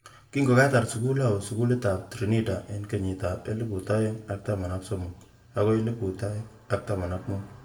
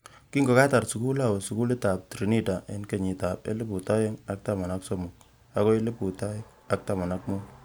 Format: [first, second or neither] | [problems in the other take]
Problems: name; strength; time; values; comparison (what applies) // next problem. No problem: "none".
second | room echo; dies away in 0.6 s